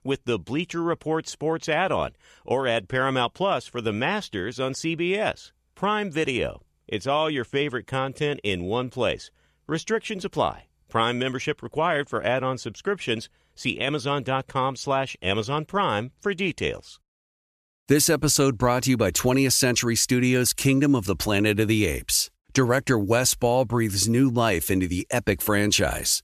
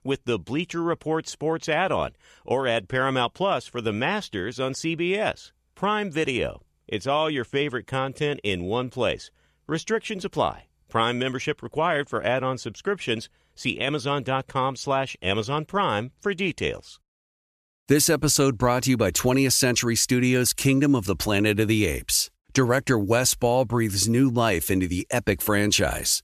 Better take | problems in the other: neither | none

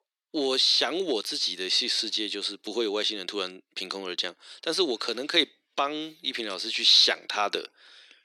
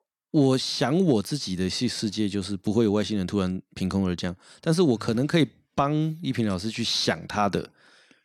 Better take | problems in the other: second | thin; very; fading below 350 Hz

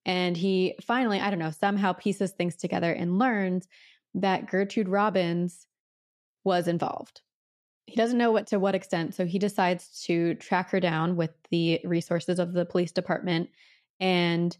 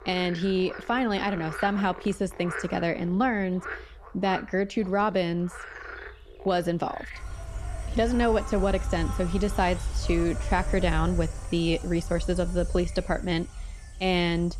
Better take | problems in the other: first | animal sounds; loud; throughout; 9 dB below the speech

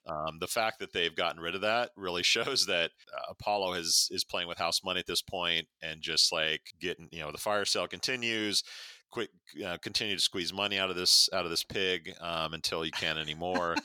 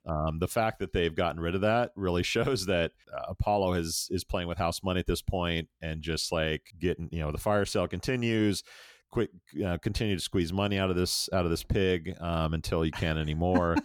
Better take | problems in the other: second | thin; somewhat; fading below 750 Hz

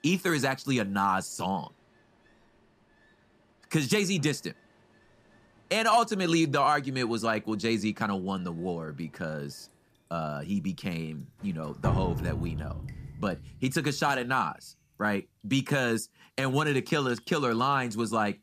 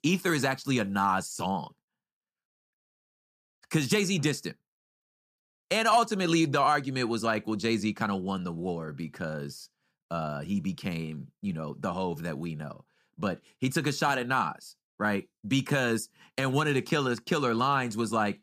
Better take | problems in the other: second | rain or running water; loud; throughout; 7 dB below the speech

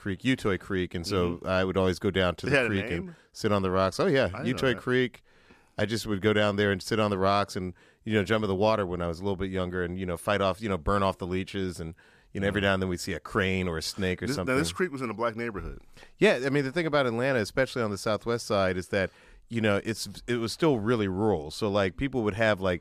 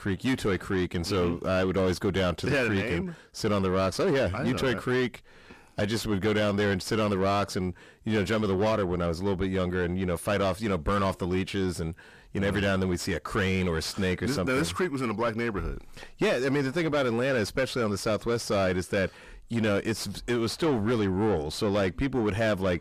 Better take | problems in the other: first | distortion; heavy; 8 dB below the speech

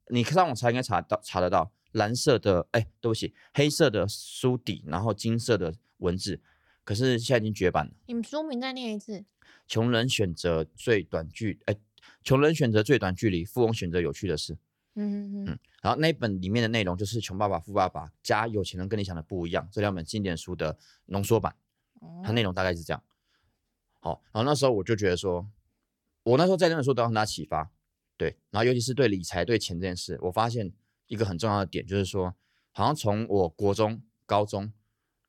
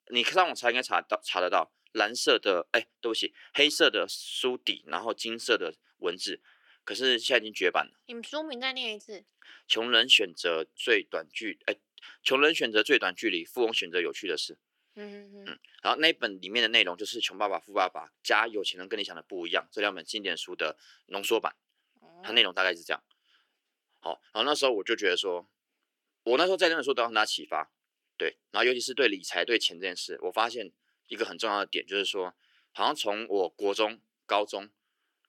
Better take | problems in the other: first | thin; somewhat; fading below 350 Hz

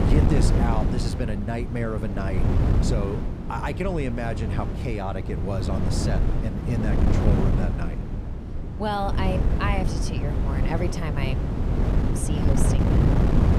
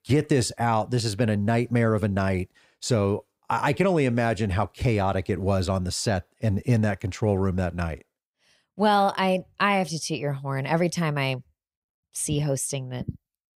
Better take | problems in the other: second | wind noise on the microphone; heavy; 2 dB below the speech

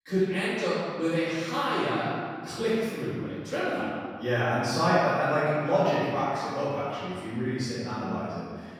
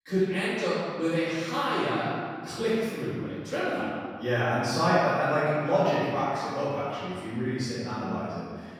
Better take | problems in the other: neither | off-mic speech; far; the same in both // room echo; strong; dies away in 1.8 s; the same in both

